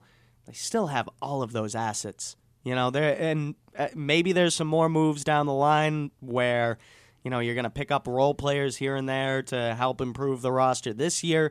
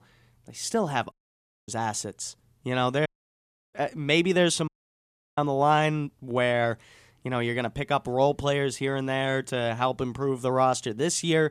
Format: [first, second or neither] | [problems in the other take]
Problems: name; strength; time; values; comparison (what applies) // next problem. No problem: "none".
first | audio cutting out; at 1 s for 0.5 s, at 3 s for 0.5 s and at 4.5 s for 0.5 s